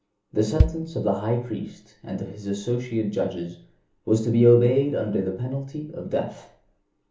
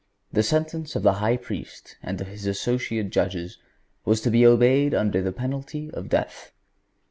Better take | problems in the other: second | background sound (Bass drum); 4 dB below the speech // room echo; dies away in 0.8 s

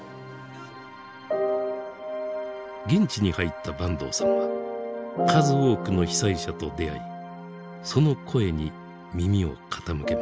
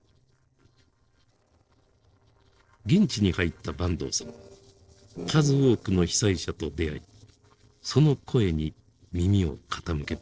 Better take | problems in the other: first | noise reduction (neural separator model SepFormer DNS4)

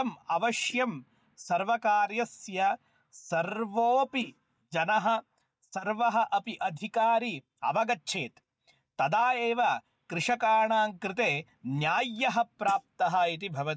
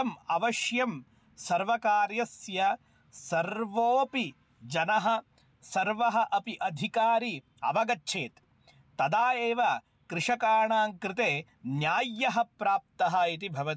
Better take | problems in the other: second | noise reduction (neural mask model DeepFilterNet 3)

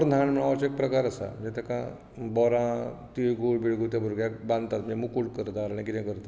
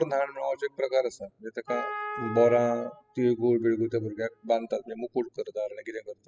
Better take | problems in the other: first | noise reduction (classical method spectral subtraction)

